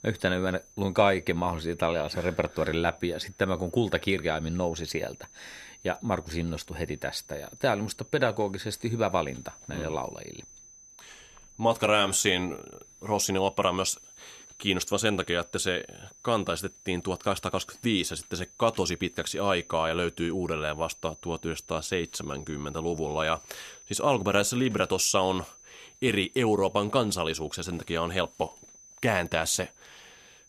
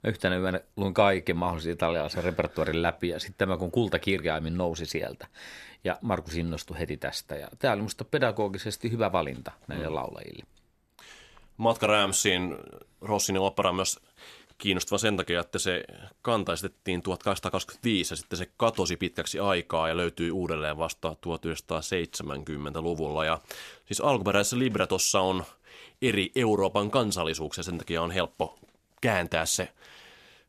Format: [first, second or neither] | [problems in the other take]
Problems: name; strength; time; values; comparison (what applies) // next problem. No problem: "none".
second | high-pitched whine; faint; throughout; 6 kHz, 20 dB below the speech